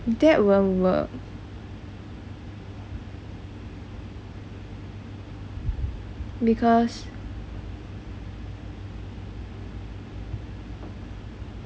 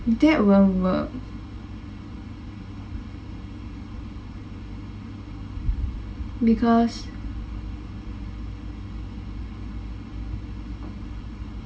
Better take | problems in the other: first | room echo; dies away in 0.2 s

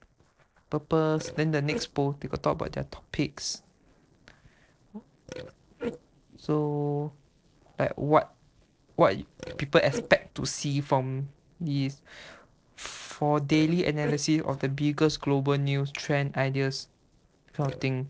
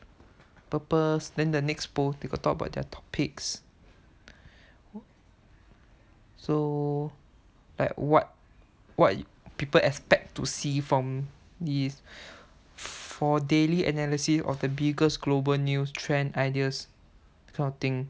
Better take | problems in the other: second | noise reduction (neural separator model SepFormer DNS4)

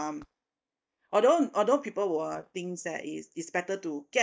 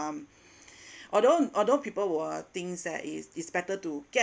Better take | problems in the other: second | noise reduction (neural mask model DeepFilterNet 3)

